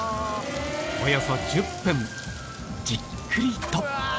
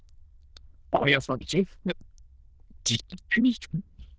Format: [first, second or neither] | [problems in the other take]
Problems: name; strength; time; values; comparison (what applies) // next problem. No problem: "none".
first | noise reduction (neural diffusion model UNIVERSE++)